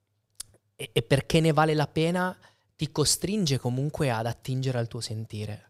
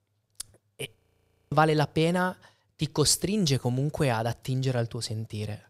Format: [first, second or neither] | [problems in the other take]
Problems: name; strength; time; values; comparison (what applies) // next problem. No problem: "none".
first | audio freezing; at 1 s for 0.5 s